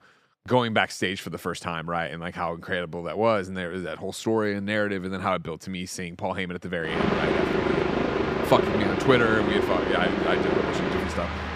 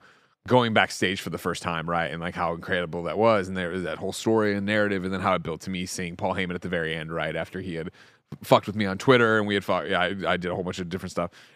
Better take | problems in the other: second | train or aircraft noise; very loud; from 7 s on; 2 dB above the speech

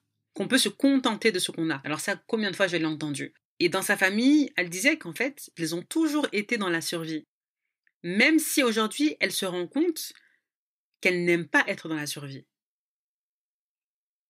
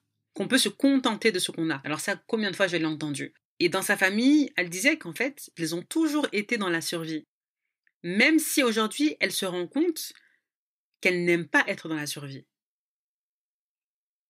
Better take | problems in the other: neither | none

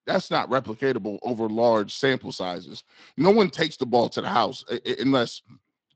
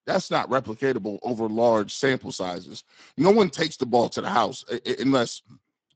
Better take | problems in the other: first | garbled, watery; badly; nothing above 8 kHz; slightly in the first

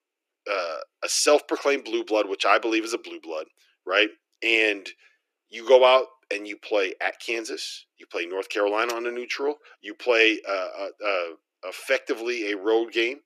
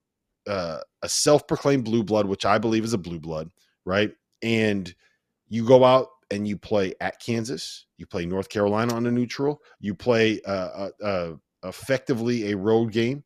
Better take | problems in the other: second | thin; very; fading below 300 Hz

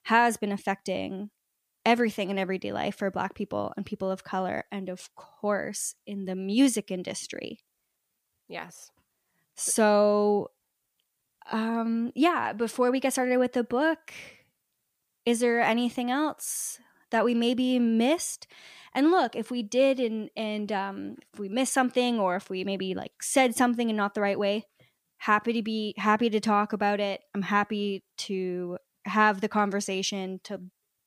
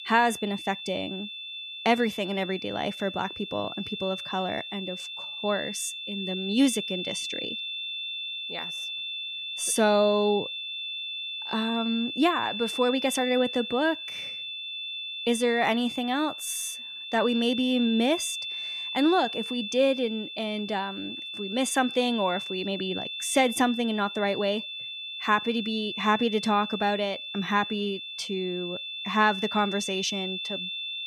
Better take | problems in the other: first | high-pitched whine; loud; throughout; 3.5 kHz, 6 dB below the speech

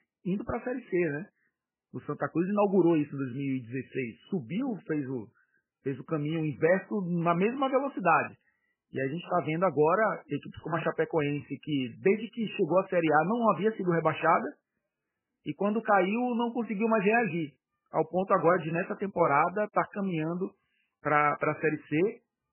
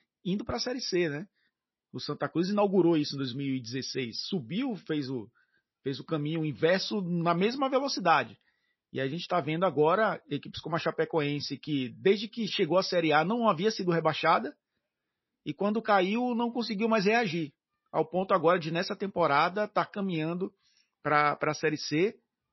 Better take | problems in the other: second | garbled, watery; badly; nothing above 3 kHz; slightly in the second

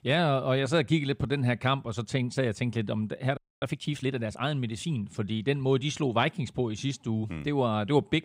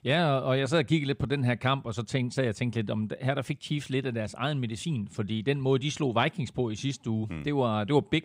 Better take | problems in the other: second | audio freezing; at 3.5 s

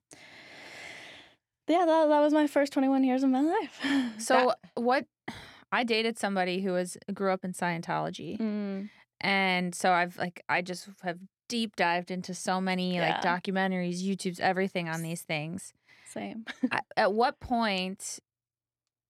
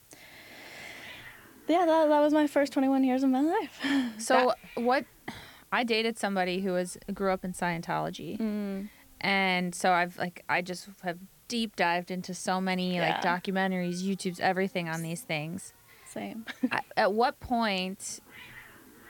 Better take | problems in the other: first | hiss; faint; throughout; 25 dB below the speech

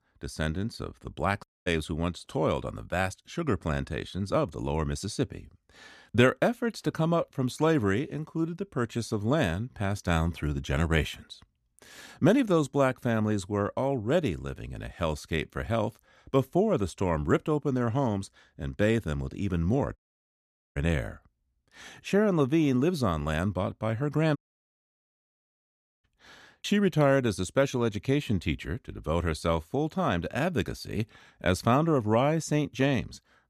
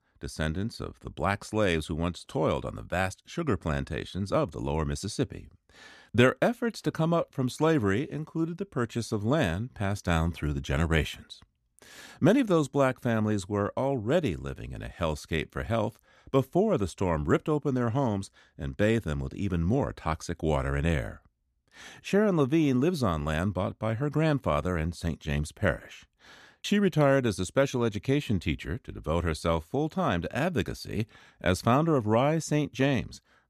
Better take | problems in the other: second | audio cutting out; at 1.5 s, at 20 s for 1 s and at 24 s for 1.5 s

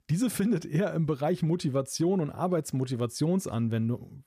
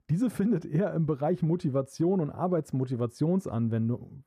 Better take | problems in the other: first | muffled; slightly; fading above 2 kHz

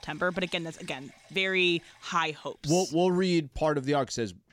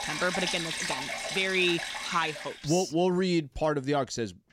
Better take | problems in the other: first | rain or running water; loud; until 2.5 s; 4 dB below the speech; faint in the first

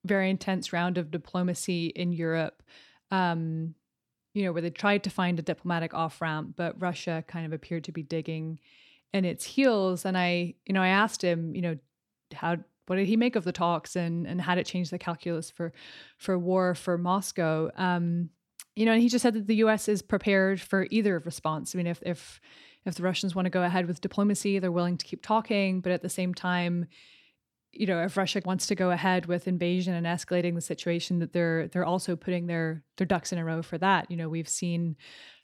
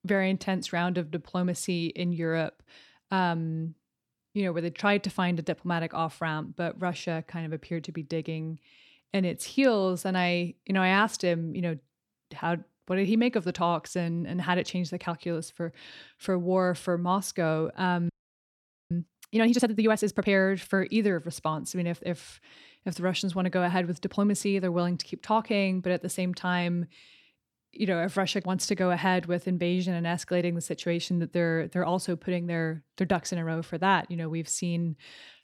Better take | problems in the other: first | audio freezing; at 18 s for 1 s

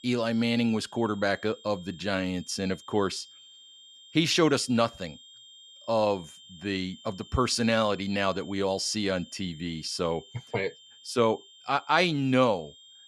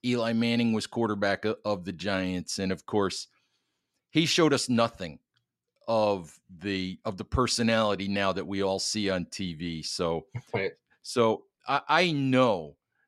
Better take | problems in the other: second | high-pitched whine; faint; throughout; 3 kHz, 20 dB below the speech

